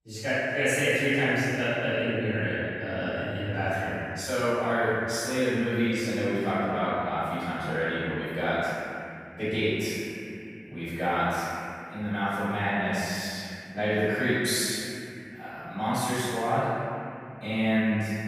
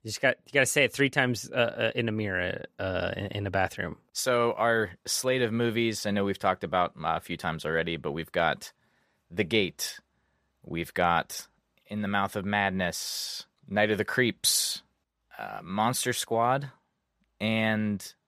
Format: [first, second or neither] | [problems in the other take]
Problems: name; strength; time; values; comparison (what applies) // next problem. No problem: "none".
second | off-mic speech; far // room echo; strong; dies away in 2.8 s